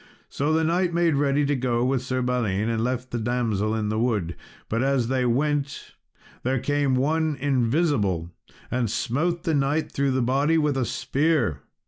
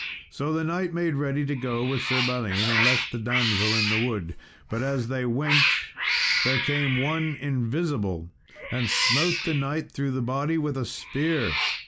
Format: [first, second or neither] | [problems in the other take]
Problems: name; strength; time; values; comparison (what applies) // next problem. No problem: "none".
first | background sound (Cat); 2 dB below the speech